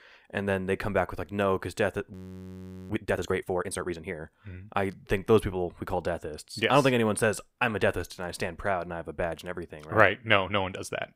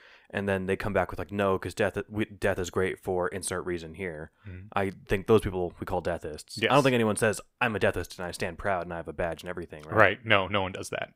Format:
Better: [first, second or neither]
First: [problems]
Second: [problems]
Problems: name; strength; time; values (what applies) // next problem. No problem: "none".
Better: second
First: audio freezing; at 2 s for 1 s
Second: none